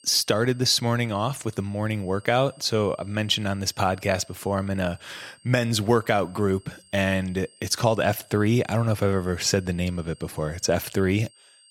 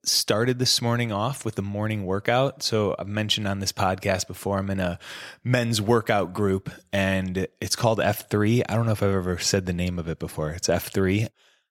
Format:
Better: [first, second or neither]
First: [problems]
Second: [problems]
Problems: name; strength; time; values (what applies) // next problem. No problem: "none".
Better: second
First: high-pitched whine; faint; throughout; 8.5 kHz, 30 dB below the speech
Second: none